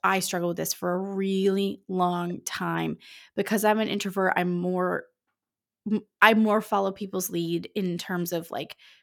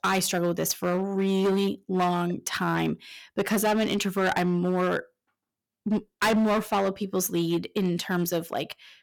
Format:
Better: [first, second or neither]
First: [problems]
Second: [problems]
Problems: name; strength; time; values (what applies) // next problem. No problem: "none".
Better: first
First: none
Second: distortion; heavy; 11% of the sound clipped